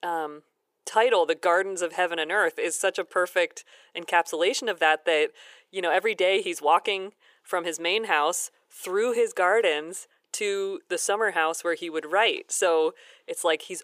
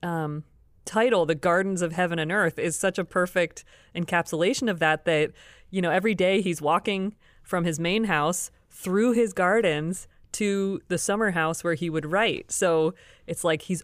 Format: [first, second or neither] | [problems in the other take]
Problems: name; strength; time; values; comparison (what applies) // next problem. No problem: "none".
second | thin; very; fading below 400 Hz